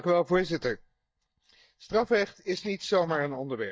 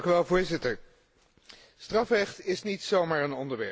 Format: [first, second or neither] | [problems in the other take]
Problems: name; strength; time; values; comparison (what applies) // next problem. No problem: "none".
second | noise reduction (neural mask model DeepFilterNet 3)